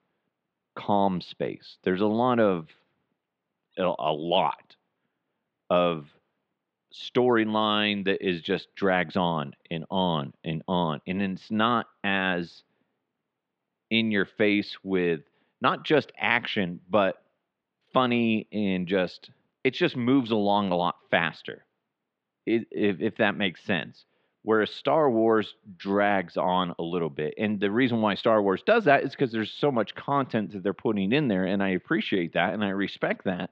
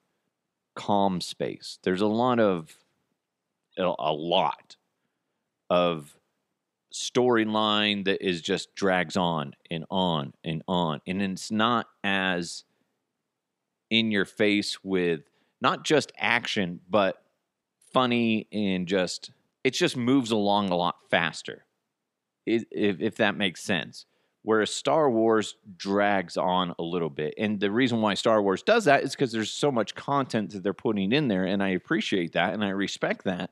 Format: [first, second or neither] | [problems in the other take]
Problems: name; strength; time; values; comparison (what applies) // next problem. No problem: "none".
second | muffled; slightly; fading above 3.5 kHz